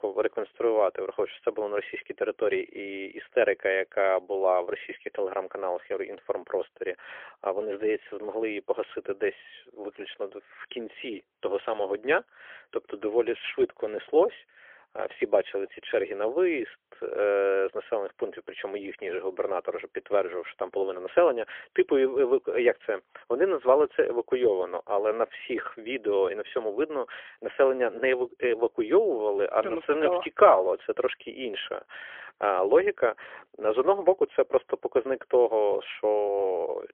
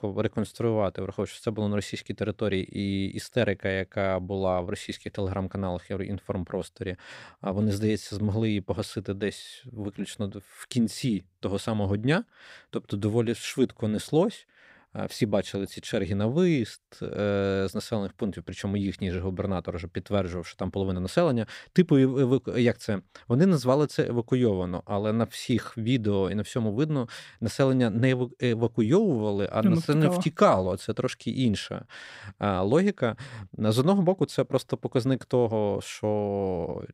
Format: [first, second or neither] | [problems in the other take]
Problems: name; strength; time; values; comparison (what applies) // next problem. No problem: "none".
second | phone-call audio; poor line; nothing above 3.5 kHz